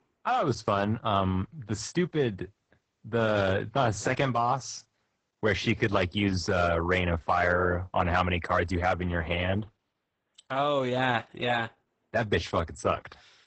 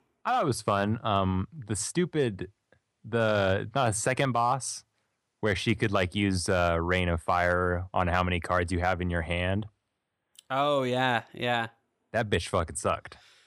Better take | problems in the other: second | garbled, watery; badly; nothing above 8 kHz

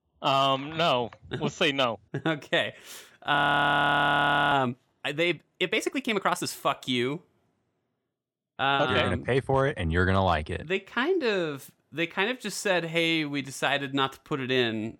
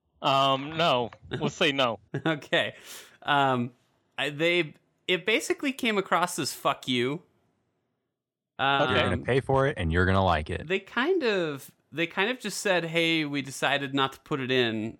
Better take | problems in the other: second | audio freezing; at 3.5 s for 1 s

